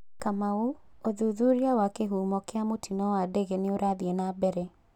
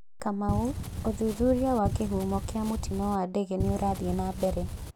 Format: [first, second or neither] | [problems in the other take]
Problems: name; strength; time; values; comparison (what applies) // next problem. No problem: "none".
first | background sound (Wind); 4 dB below the speech